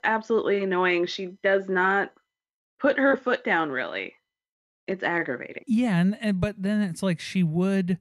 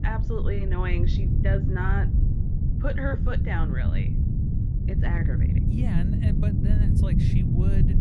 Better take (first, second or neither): first